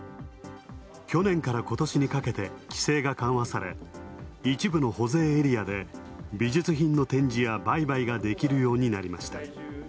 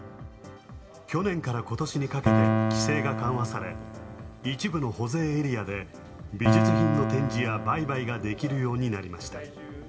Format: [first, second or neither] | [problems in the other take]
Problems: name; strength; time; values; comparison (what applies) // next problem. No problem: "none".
first | background sound (Piano); as loud as the speech // room echo; dies away in 1.6 s